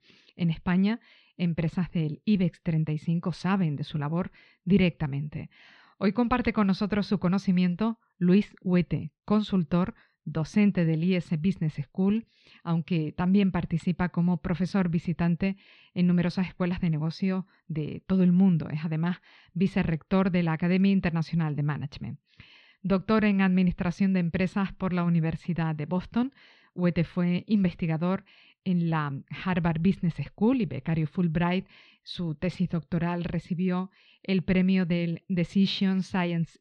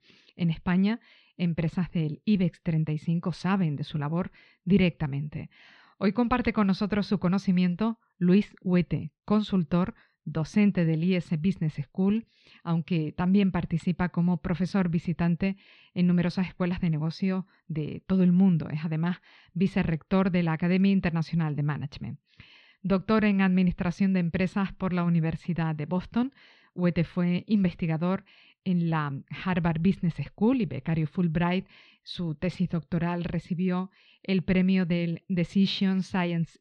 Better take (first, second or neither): neither